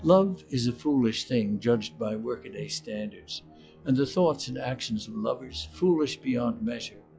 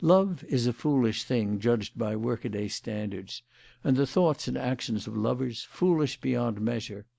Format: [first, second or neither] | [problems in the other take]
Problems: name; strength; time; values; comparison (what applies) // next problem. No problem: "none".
second | noise reduction (classical method log-MMSE)